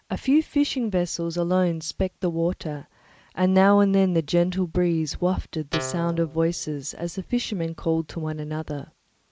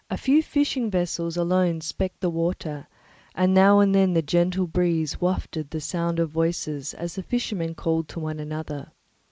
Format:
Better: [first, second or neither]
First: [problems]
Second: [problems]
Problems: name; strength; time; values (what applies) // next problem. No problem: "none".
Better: second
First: background sound (Guitar); 10 dB below the speech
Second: none